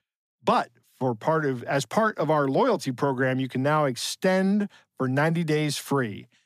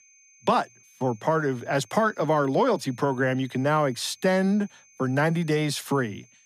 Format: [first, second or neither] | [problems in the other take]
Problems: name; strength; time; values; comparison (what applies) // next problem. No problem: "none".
first | high-pitched whine; faint; throughout; 6.5 kHz, 30 dB below the speech